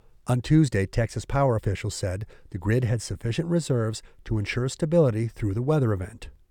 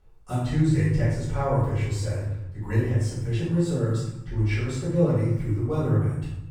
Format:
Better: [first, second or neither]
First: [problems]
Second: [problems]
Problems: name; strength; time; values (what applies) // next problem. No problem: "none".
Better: first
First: none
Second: off-mic speech; far // room echo; strong; dies away in 0.9 s